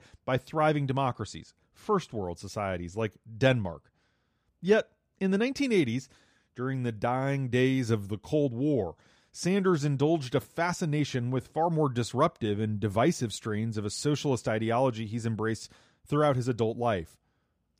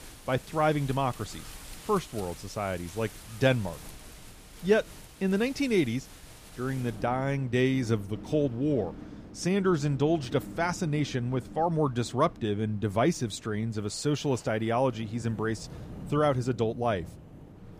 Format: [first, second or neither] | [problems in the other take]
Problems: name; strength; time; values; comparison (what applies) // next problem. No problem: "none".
first | wind in the background; noticeable; throughout; 15 dB below the speech